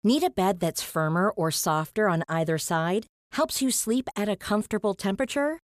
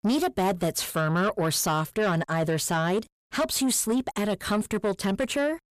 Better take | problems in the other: first | distortion; slight; 10 dB below the speech

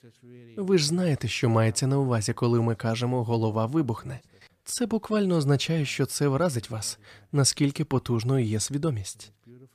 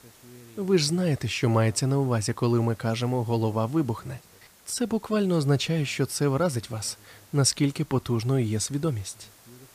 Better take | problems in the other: first | hiss; faint; throughout; 25 dB below the speech

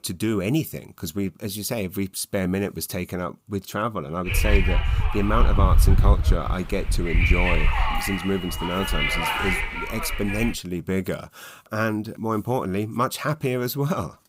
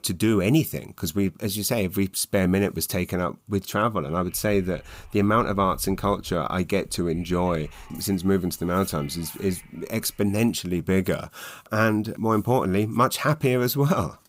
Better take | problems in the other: second | wind noise on the microphone; heavy; from 4.5 to 11 s; 2 dB above the speech; occasional gusts in the second

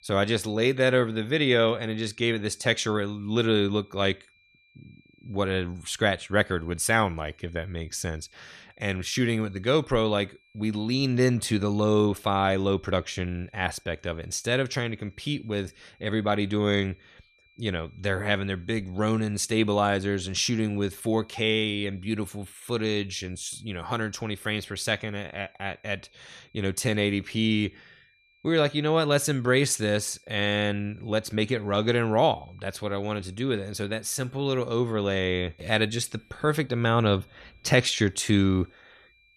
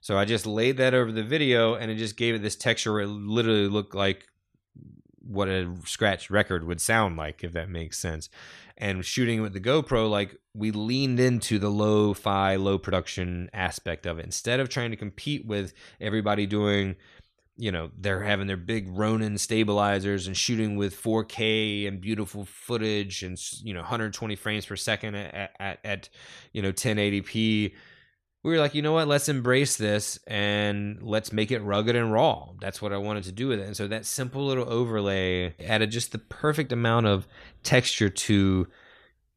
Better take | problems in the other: second | high-pitched whine; faint; throughout; 2.5 kHz, 35 dB below the speech

